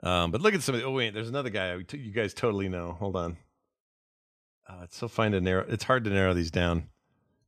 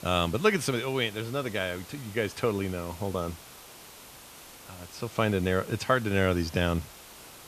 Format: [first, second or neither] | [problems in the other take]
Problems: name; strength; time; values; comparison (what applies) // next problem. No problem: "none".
first | hiss; noticeable; throughout; 15 dB below the speech